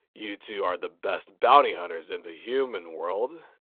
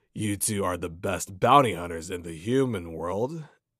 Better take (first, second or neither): second